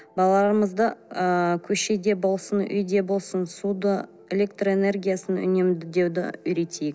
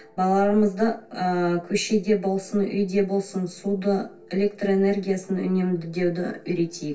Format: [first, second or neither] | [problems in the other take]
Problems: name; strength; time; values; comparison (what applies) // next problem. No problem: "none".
first | room echo; dies away in 0.3 s